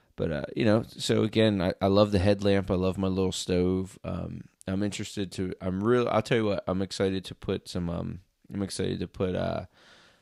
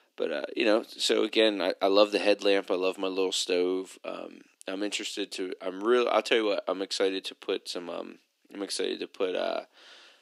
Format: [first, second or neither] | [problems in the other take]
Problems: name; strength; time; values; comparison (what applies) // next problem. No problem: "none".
first | thin; somewhat; fading below 300 Hz